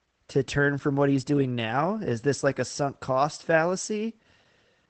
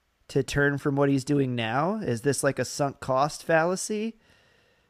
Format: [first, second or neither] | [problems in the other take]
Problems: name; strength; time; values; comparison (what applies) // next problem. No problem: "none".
second | garbled, watery; badly; nothing above 8 kHz